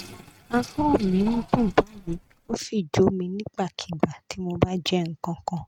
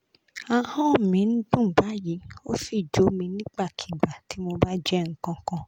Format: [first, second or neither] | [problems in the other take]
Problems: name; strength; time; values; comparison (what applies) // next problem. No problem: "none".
second | noise reduction (neural mask model RNNoise)